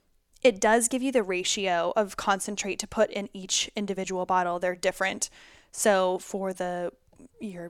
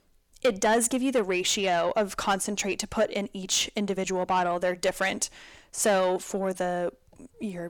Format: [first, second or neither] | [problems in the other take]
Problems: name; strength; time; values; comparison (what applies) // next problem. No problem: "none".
first | distortion; slight; 10 dB below the speech